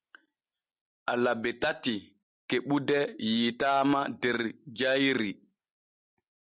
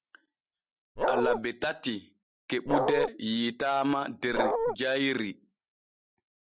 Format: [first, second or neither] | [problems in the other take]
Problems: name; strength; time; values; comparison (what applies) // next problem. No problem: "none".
first | background sound (Bark); 5 dB above the speech